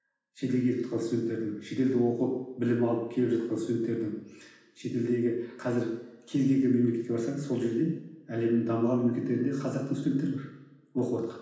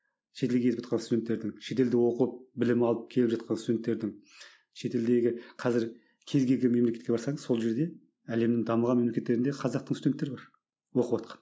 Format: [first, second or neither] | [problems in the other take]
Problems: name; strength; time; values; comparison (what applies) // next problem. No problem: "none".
second | room echo; dies away in 0.9 s